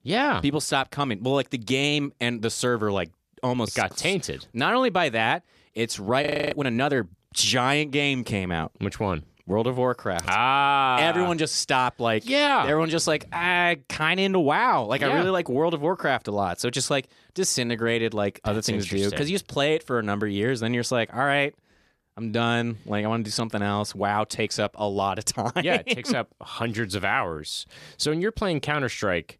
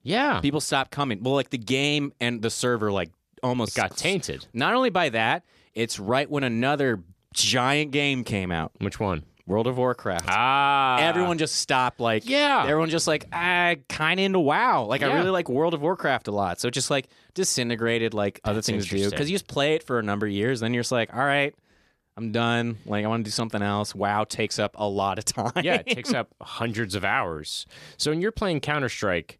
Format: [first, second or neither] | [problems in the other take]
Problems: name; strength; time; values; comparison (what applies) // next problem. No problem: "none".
second | audio freezing; at 6 s